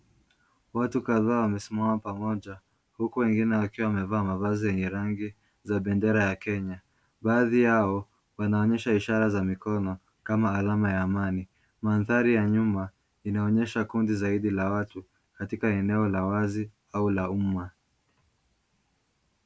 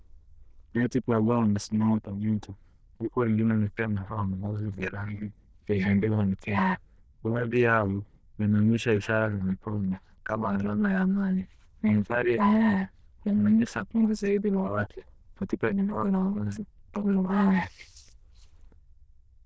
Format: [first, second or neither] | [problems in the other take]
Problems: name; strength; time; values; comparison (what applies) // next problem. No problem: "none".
first | noise reduction (neural diffusion model UNIVERSE++)